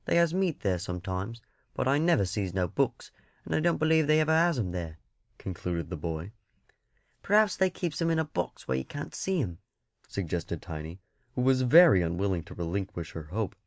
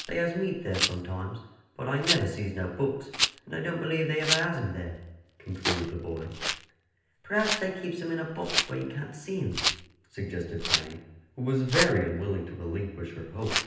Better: first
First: none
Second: background sound (Rattle); 3 dB below the speech // room echo; dies away in 0.9 s

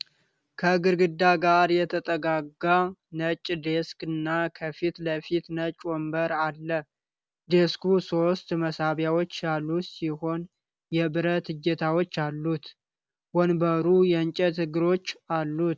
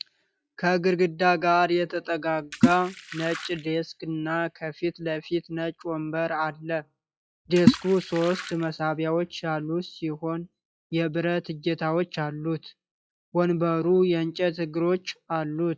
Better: first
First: none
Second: noise reduction (classical method log-MMSE)

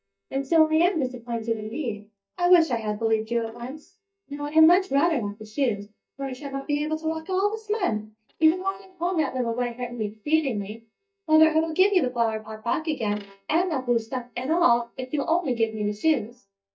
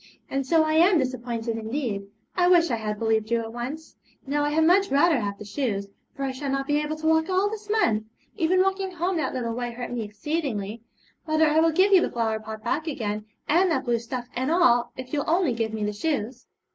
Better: second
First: noise reduction (neural mask model DeepFilterNet 3)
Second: none

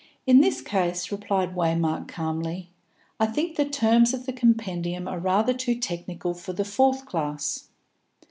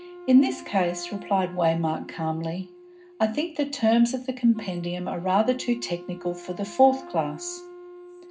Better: first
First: none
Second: background sound (Wind instrument, woodwind instrument); 18 dB below the speech // room echo; dies away in 0.4 s

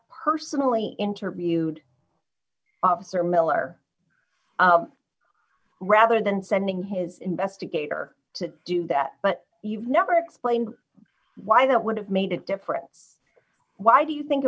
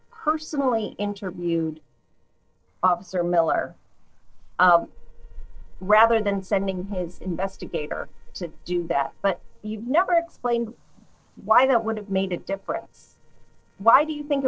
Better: first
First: none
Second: noise reduction (neural separator model SepFormer DNS4)

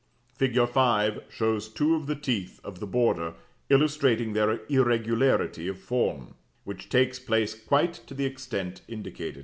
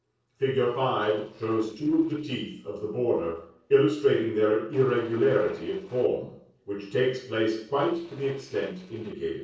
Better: first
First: none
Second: noise reduction (neural separator model SepFormer DNS4)

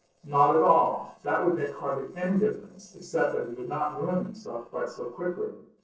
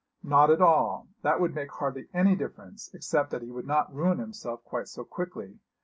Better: second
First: noise reduction (neural separator model SepFormer DNS4)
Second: none

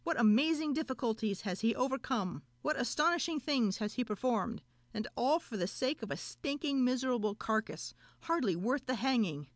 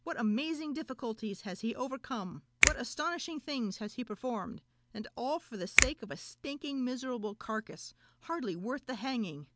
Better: first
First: none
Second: background sound (Finger snapping); 4 dB above the speech

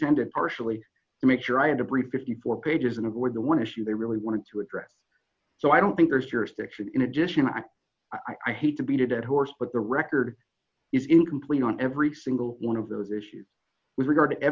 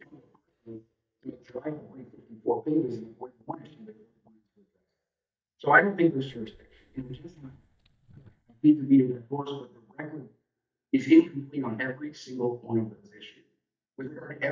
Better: first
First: none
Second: noise reduction (neural mask model DeepFilterNet 3)

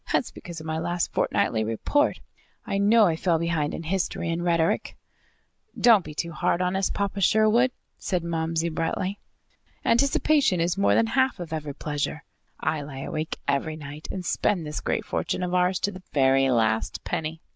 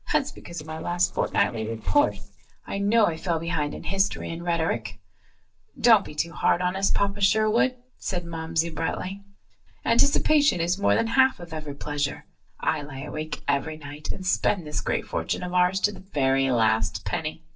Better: first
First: none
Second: noise reduction (neural separator model SepFormer DNS4)

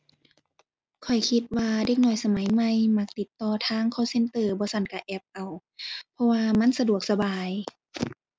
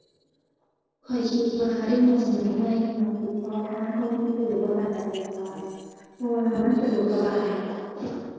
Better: first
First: none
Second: noise reduction (neural separator model SepFormer DNS4)

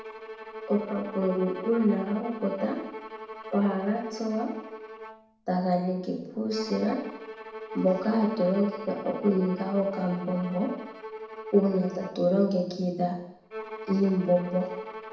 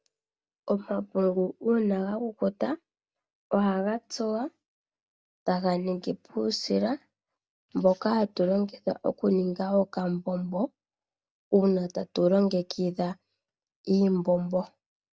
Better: second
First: background sound (Bowed string instrument); 12 dB below the speech // room echo; dies away in 0.8 s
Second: none

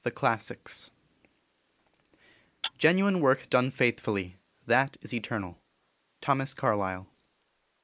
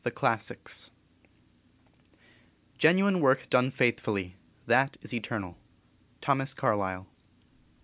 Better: second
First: noise reduction (neural mask model Resemble Enhance denoiser)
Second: none

